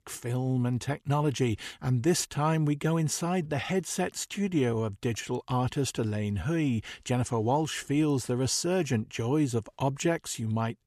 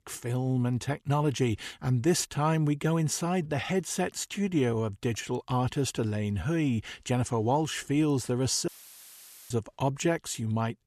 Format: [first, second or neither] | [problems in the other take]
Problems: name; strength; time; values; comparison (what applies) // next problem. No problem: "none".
first | audio cutting out; filled with static; at 8.5 s for 1 s